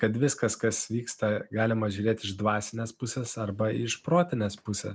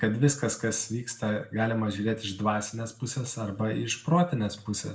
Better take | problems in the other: first | room echo; dies away in 0.4 s

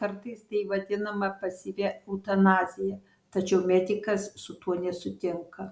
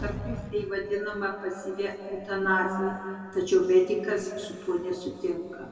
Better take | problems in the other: first | room echo; dies away in 2.3 s

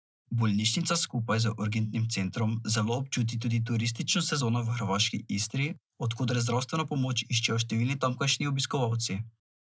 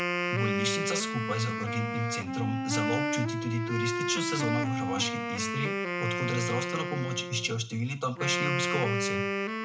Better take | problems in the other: first | background sound (Wind instrument, woodwind instrument); 1 dB above the speech // room echo; dies away in 0.3 s

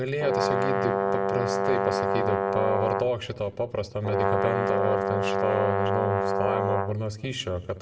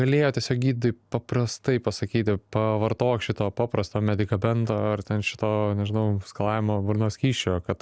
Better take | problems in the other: second | background sound (Brass instrument); 3 dB above the speech // room echo; dies away in 1.1 s

